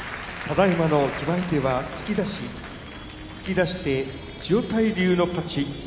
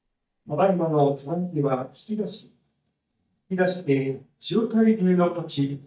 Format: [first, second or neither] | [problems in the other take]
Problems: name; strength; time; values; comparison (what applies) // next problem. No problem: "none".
first | noise reduction (neural mask model DeepFilterNet 3)